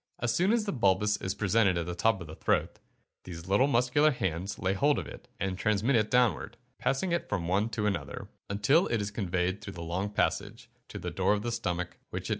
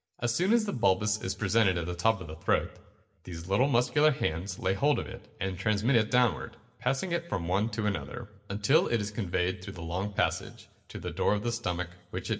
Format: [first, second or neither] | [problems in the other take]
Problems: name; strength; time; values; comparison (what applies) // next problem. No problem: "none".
first | room echo; dies away in 0.7 s